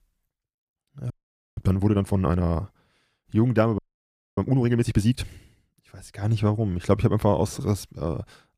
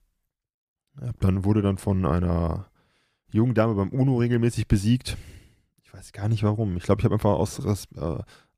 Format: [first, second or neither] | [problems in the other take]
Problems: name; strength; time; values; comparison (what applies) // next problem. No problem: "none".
second | audio freezing; at 1 s and at 4 s for 0.5 s